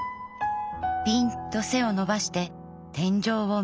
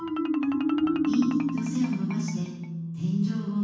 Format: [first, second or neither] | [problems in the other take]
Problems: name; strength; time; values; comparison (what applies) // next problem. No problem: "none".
first | background sound (Marimba, xylophone); 1 dB above the speech // room echo; dies away in 1.2 s